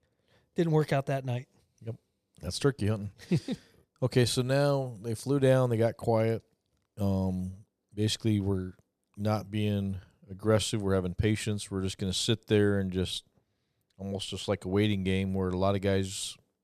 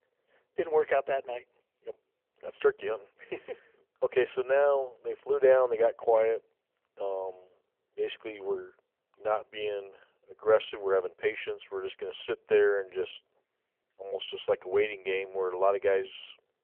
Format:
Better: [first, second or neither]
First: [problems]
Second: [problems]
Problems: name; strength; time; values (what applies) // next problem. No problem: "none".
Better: first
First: none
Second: phone-call audio; poor line; nothing above 3.5 kHz